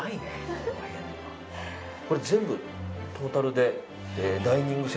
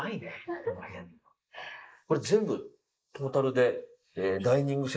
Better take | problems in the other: first | noise reduction (neural mask model Resemble Enhance denoiser)

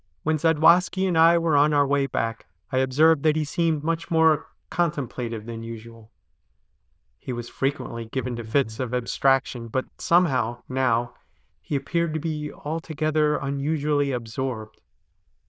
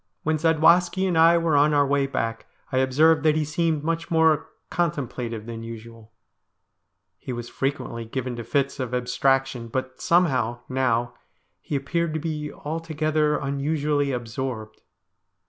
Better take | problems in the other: second | noise reduction (neural diffusion model UNIVERSE++)

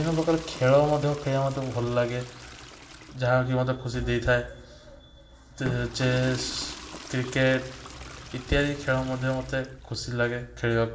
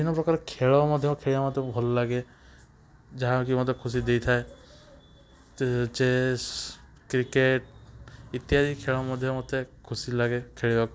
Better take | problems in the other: second | background sound (Toilet flush / Water); 17 dB below the speech // room echo; dies away in 0.6 s

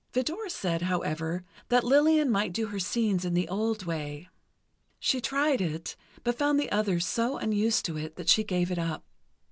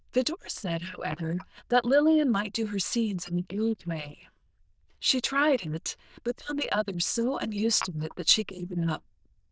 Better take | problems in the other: first | noise reduction (neural diffusion model UNIVERSE++)

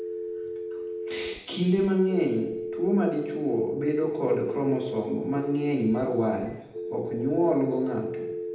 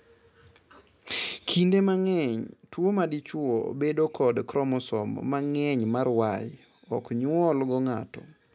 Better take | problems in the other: second | background sound (Telephone); 7 dB below the speech // room echo; dies away in 0.8 s

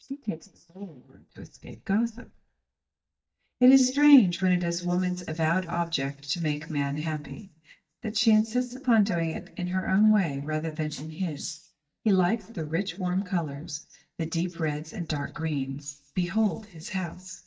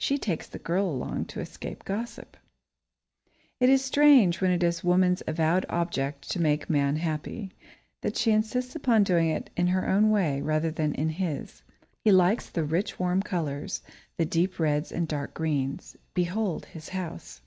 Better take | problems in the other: second | noise reduction (neural mask model DeepFilterNet 3)

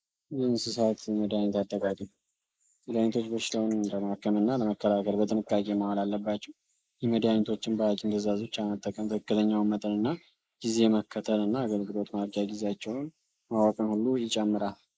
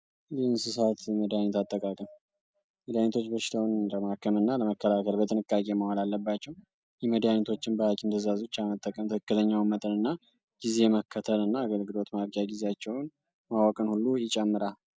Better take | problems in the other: second | noise reduction (neural mask model Resemble Enhance denoiser)

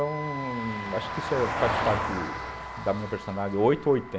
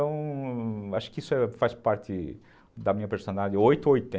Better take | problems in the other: second | background sound (Vehicle + Wind instrument, woodwind instrument); 4 dB below the speech

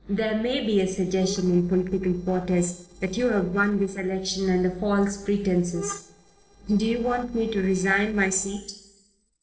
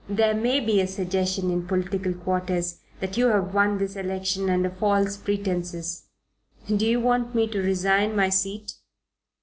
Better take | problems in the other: second | noise reduction (neural separator model SepFormer DNS4)

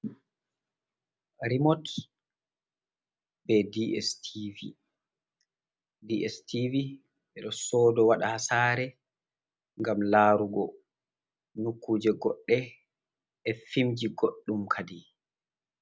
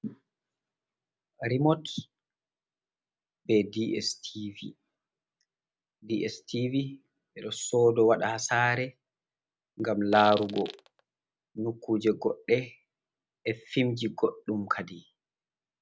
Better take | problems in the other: first | background sound (Fart); 11 dB below the speech

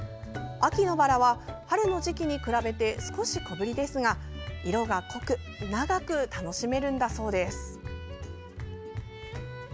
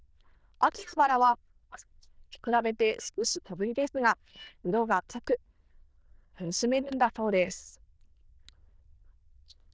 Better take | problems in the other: first | noise reduction (neural diffusion model UNIVERSE++)

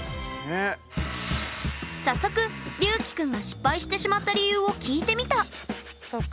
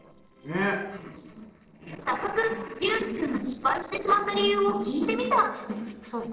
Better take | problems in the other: first | noise reduction (neural separator model SepFormer DNS4)

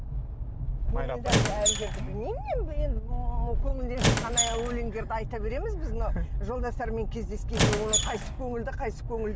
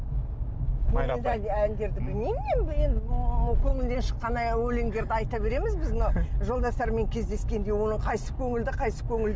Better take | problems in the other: second | background sound (Squeak); 2 dB above the speech

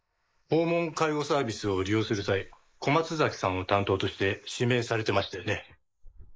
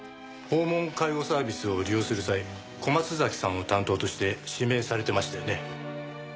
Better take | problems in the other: second | noise reduction (neural mask model Resemble Enhance denoiser)

